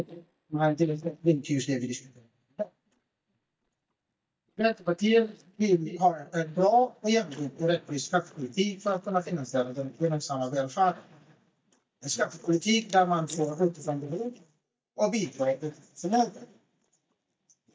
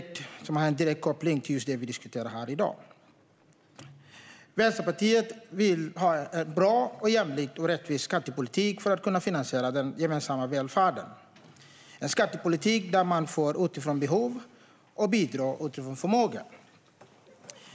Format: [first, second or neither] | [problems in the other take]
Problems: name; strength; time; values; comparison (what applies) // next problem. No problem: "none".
second | noise reduction (neural mask model DeepFilterNet 3)